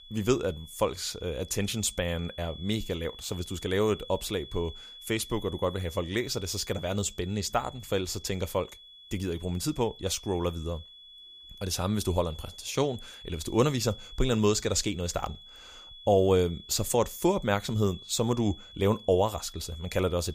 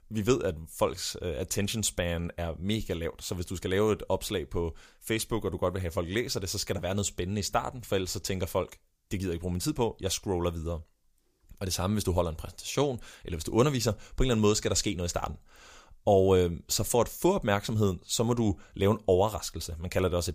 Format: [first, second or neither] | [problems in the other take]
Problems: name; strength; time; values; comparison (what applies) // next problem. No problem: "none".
second | high-pitched whine; noticeable; throughout; 3.5 kHz, 15 dB below the speech